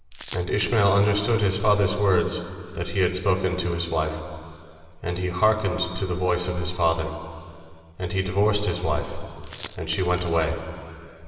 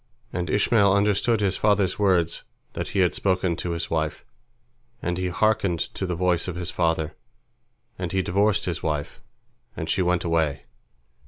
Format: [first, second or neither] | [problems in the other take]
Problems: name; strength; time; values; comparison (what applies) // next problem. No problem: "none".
second | background sound (Coin (dropping)); 19 dB below the speech // room echo; dies away in 2.7 s